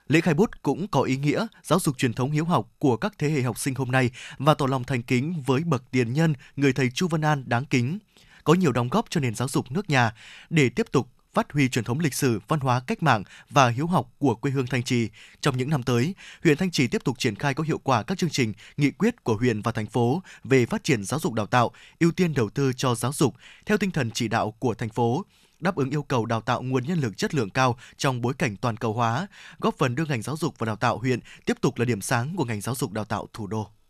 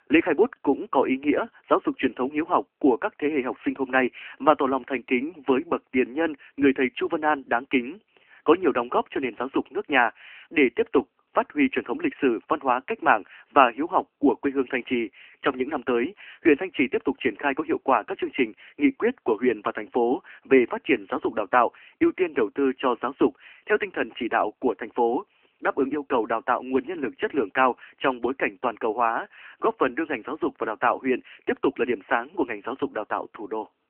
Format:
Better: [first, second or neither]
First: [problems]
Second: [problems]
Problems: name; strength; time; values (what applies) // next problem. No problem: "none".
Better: first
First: none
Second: phone-call audio; nothing above 3 kHz